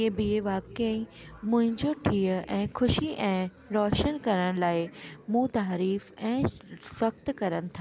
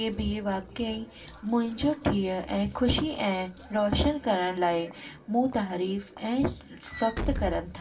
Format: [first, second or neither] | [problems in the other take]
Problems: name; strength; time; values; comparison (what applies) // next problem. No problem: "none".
first | background sound (Walk, footsteps / Slam); 14 dB below the speech // room echo; dies away in 0.2 s